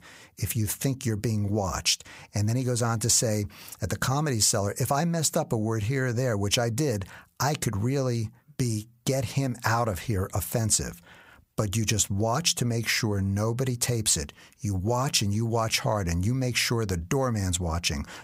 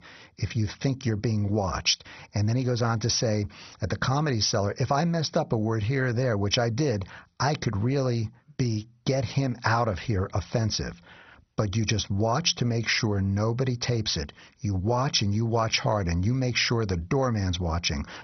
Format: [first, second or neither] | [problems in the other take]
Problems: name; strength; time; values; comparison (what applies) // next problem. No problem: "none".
first | garbled, watery; badly; nothing above 6 kHz